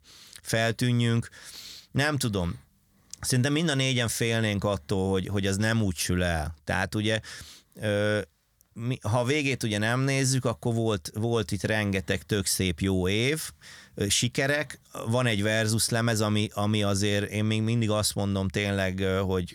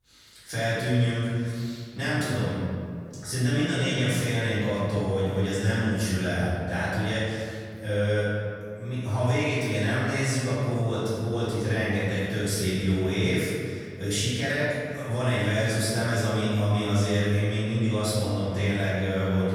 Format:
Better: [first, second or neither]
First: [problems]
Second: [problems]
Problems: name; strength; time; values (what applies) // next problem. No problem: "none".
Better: first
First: none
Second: room echo; strong; dies away in 2 s // off-mic speech; far